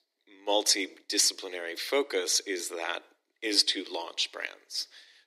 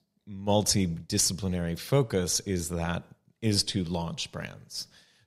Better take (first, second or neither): second